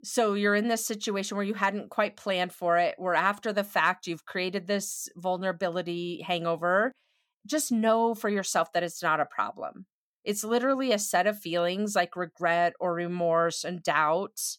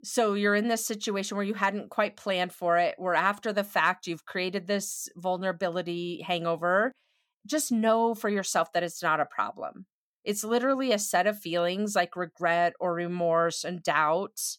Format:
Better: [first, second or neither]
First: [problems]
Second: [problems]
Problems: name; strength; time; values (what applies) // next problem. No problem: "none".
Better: neither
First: none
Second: none